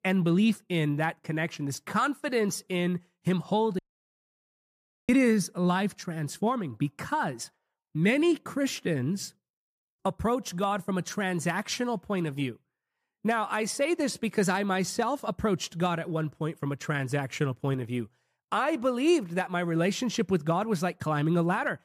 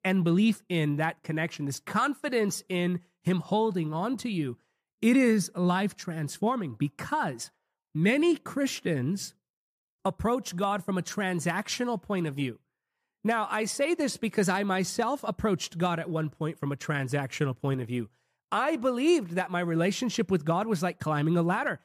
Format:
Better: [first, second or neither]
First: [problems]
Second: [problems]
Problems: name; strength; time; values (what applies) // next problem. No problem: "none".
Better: second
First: audio cutting out; at 4 s for 1.5 s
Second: none